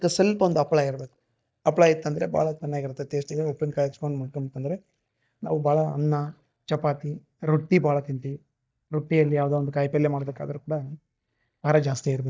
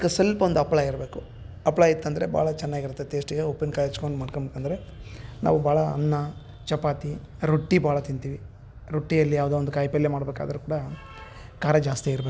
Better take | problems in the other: second | noise reduction (neural mask model DeepFilterNet 3)

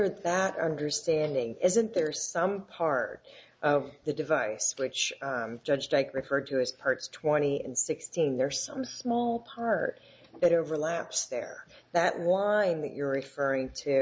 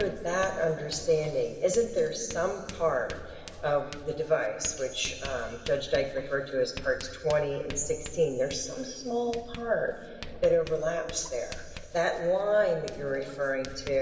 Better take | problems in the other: first | background sound (Writing); 14 dB below the speech // room echo; dies away in 2.4 s

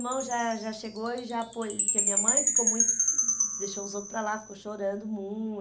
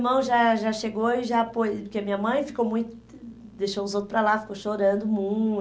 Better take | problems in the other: second | background sound (Chime); 5 dB above the speech

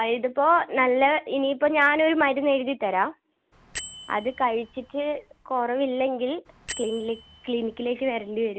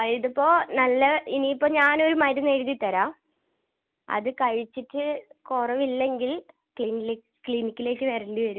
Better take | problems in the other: second | background sound (Bell); 17 dB below the speech

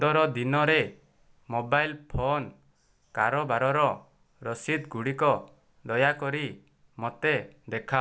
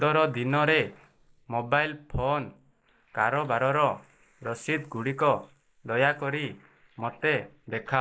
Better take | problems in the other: first | noise reduction (neural mask model Resemble Enhance denoiser)

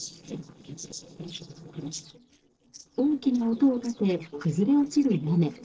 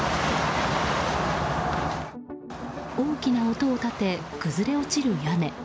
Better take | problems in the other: second | noise reduction (neural separator model SepFormer DNS4)

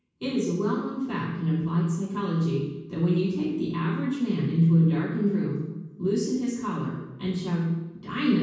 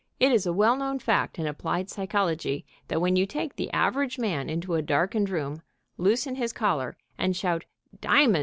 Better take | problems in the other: second | room echo; dies away in 1.2 s

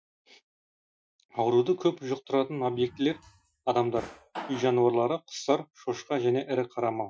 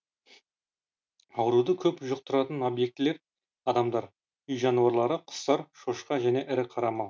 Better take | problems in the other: second | noise reduction (classical method Wiener filter)

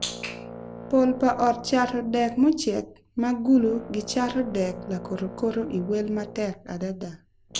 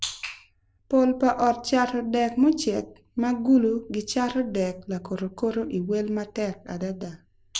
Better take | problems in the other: second | background sound (Brass instrument); 16 dB below the speech

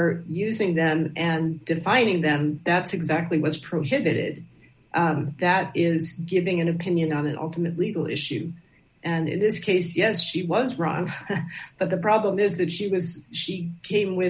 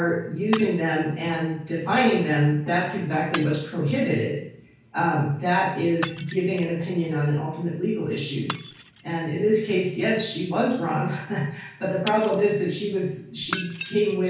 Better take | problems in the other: first | background sound (Shatter); 17 dB below the speech // room echo; dies away in 0.5 s

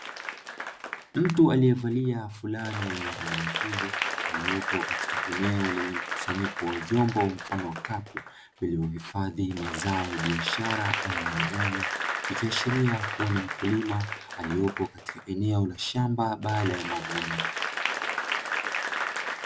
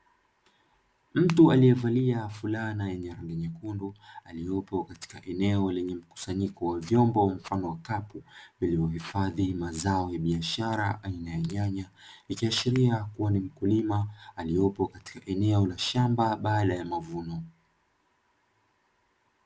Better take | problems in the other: second | background sound (Applause / Crowd); 4 dB below the speech

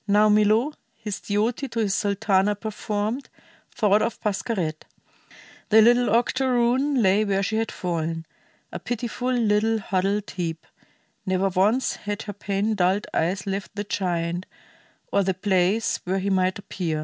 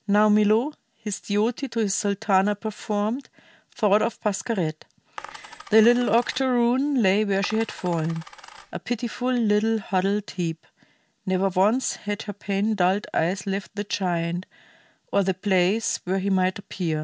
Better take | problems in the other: first | background sound (Coin (dropping)); 18 dB below the speech

